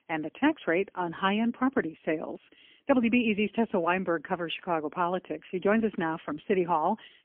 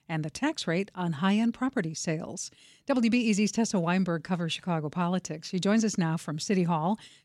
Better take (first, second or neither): second